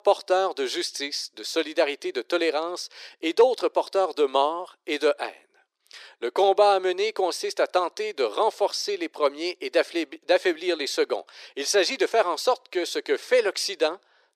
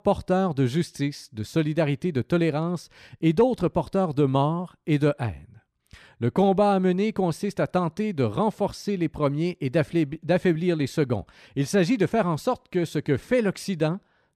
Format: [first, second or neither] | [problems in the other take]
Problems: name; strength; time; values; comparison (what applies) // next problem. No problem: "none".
second | thin; very; fading below 350 Hz